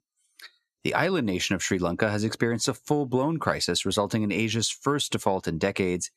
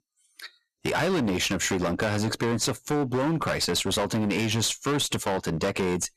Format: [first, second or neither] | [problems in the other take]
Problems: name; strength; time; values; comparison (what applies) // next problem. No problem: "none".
first | distortion; heavy; 22% of the sound clipped